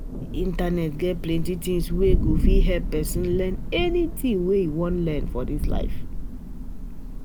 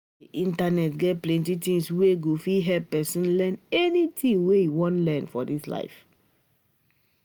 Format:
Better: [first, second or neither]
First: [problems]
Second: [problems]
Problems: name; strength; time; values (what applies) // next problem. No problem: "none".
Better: second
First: background sound (Thunder); 1 dB above the speech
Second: none